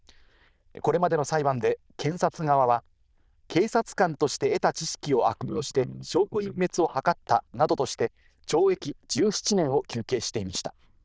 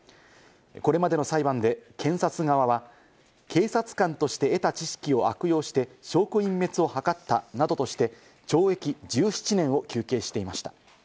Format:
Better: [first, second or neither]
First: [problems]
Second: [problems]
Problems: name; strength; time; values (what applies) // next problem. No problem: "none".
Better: second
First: noise reduction (neural diffusion model UNIVERSE++)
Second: none